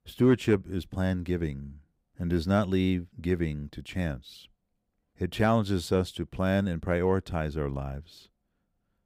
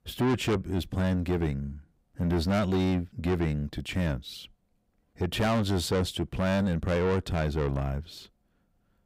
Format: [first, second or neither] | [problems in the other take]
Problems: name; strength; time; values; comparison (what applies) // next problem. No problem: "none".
first | distortion; heavy; 6 dB below the speech